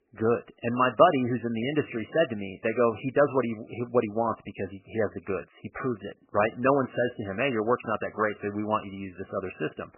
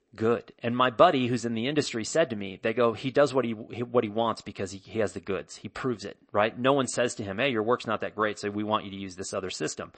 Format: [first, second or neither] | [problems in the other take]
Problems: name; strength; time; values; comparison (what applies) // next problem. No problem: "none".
second | garbled, watery; badly; nothing above 3 kHz; slightly in the second